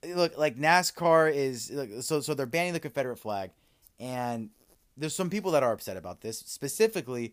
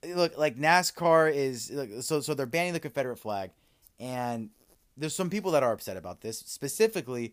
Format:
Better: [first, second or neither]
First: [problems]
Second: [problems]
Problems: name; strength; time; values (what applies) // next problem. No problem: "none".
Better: neither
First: none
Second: none